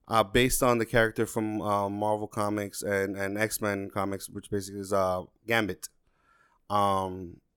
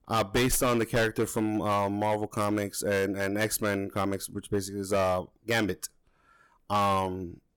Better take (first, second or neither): first